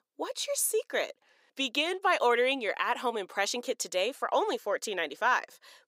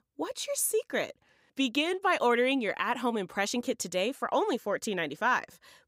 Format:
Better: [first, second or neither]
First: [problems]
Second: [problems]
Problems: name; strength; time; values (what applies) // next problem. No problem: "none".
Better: second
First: thin; somewhat; fading below 450 Hz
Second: none